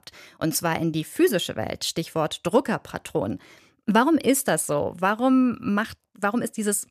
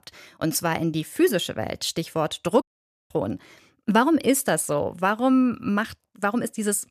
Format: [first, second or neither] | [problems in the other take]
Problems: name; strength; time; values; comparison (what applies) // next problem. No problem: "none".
first | audio cutting out; at 2.5 s